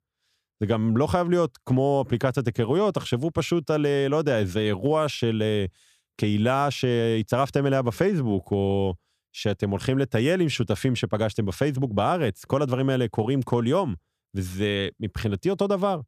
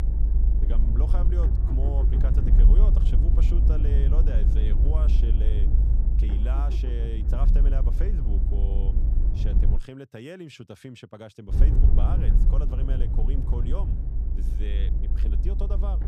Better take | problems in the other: first | low rumble; loud; until 10 s and from 12 s on; 1 dB below the speech

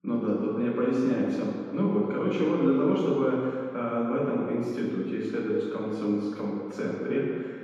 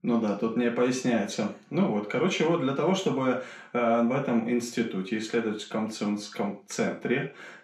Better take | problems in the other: second | room echo; strong; dies away in 1.8 s; slight in the second // off-mic speech; far; far in the second

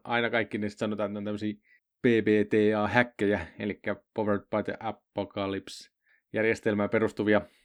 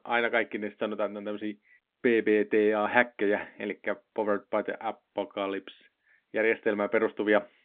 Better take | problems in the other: first | phone-call audio

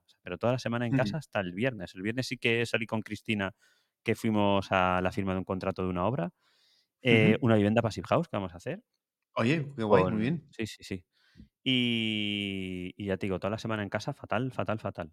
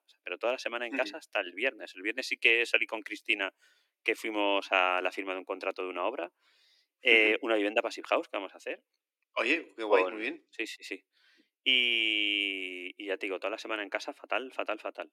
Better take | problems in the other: first | thin; very; fading below 300 Hz

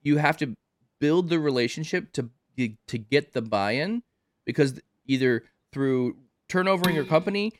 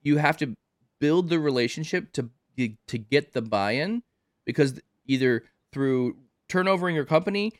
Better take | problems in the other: second | clattering dishes; noticeable; at 7 s; peak 4 dB below the speech

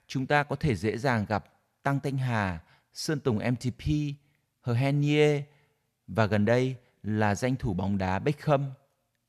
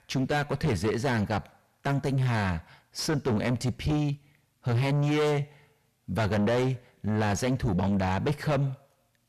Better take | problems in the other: first | distortion; heavy; 6 dB below the speech

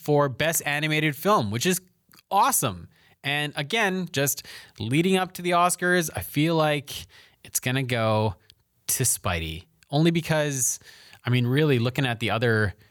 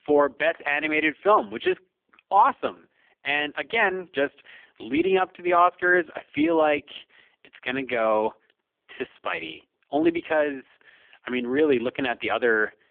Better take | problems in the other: first | phone-call audio; poor line; nothing above 3.5 kHz

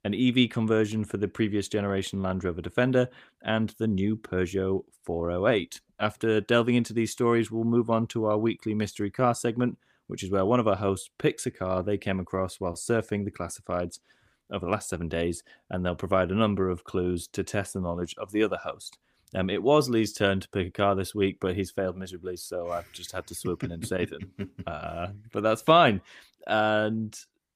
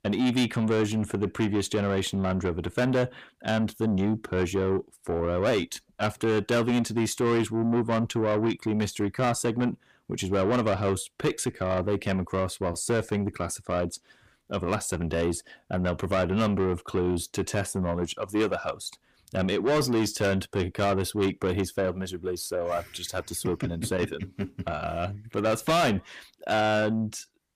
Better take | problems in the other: first | distortion; heavy; 8 dB below the speech

